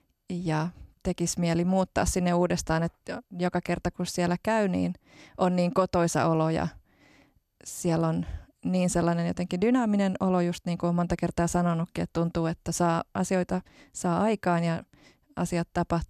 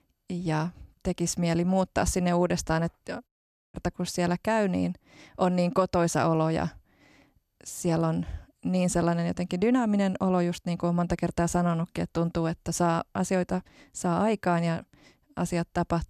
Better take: first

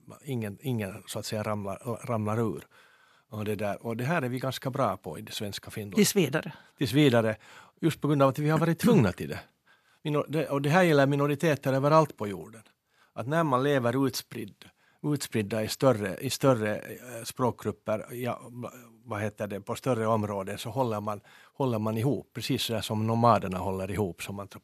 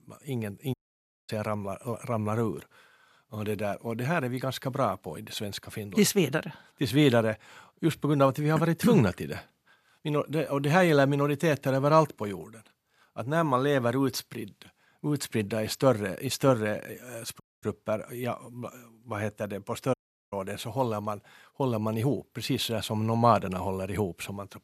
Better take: first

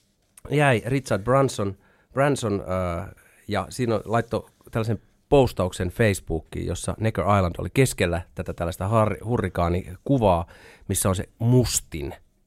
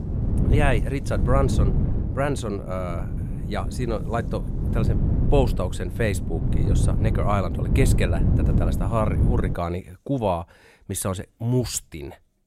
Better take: first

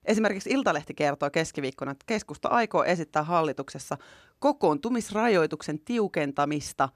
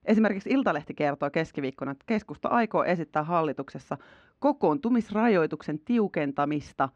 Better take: first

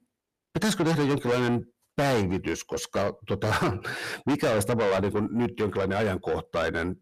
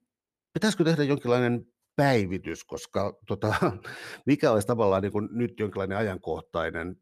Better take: second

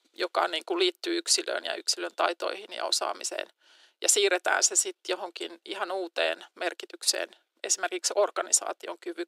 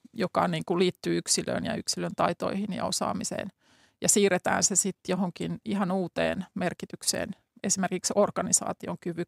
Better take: second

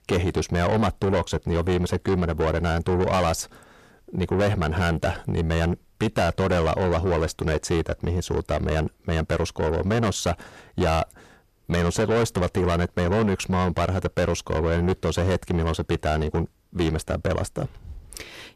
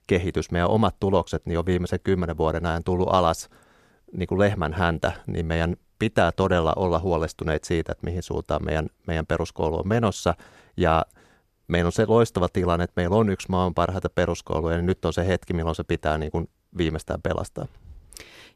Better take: second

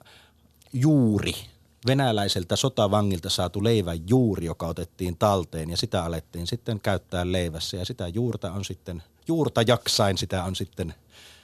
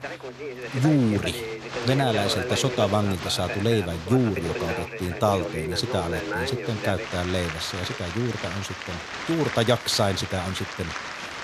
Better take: first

